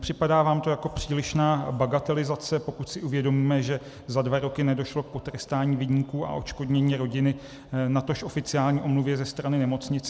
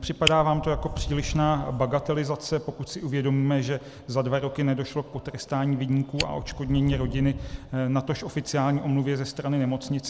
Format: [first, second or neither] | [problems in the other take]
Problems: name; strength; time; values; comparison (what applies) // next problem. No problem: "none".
first | background sound (Fire); 11 dB below the speech